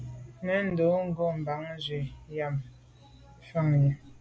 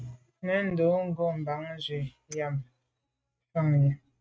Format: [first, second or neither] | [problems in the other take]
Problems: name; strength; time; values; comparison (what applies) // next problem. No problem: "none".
first | noise reduction (neural mask model RNNoise)